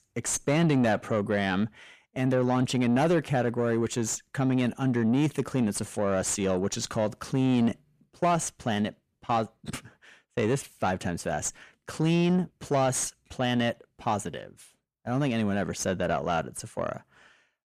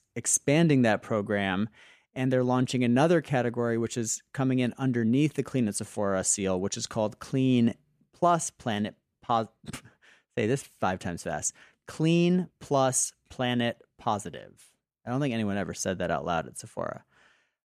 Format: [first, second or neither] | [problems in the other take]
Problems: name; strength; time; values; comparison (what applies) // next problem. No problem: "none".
second | distortion; slight; 10 dB below the speech